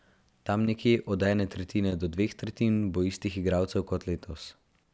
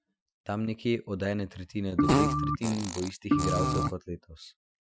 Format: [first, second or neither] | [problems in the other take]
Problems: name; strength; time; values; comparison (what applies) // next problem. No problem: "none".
first | noise reduction (classical method Wiener filter)